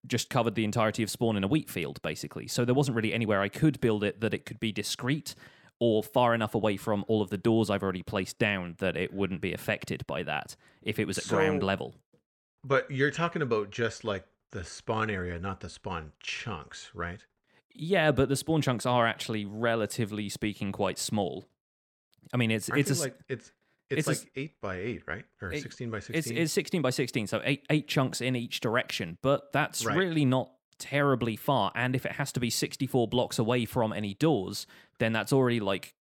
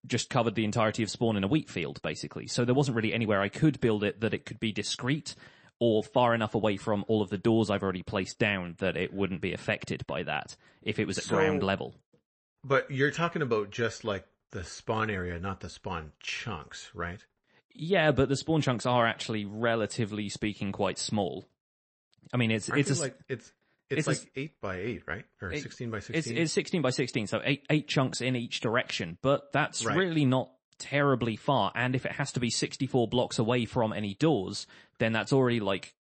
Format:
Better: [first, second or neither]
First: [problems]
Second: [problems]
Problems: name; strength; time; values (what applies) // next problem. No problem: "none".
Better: first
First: none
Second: garbled, watery; slightly; nothing above 8 kHz